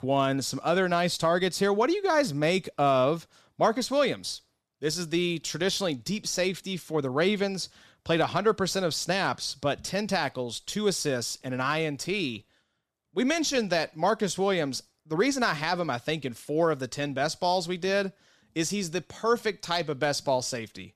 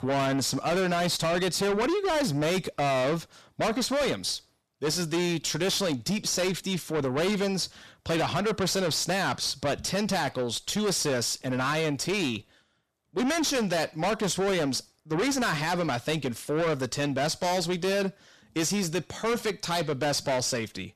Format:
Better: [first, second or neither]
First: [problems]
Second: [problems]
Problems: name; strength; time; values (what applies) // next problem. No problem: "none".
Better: first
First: none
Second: distortion; heavy; 6 dB below the speech